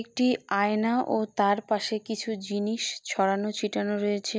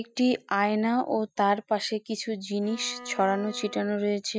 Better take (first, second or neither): first